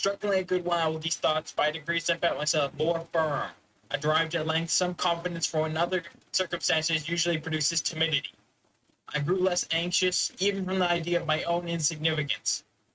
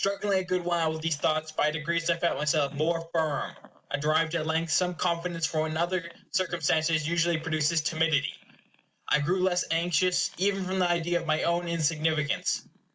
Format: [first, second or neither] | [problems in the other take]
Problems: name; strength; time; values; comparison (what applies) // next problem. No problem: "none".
second | noise reduction (neural mask model RNNoise)